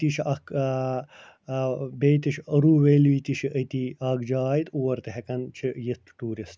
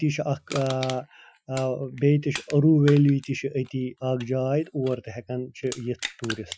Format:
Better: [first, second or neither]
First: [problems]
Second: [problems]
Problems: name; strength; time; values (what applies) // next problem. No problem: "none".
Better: first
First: none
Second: noise reduction (classical method Wiener filter)